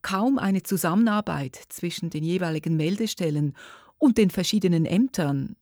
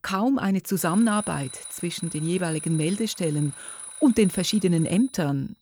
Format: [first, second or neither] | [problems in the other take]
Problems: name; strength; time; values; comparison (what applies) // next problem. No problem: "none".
first | alarm; noticeable; from 1 to 5 s; peak 9 dB below the speech